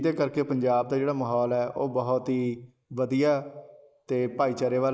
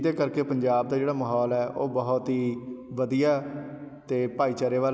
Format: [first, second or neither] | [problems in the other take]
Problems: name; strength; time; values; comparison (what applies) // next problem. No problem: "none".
second | noise reduction (neural mask model Resemble Enhance denoiser)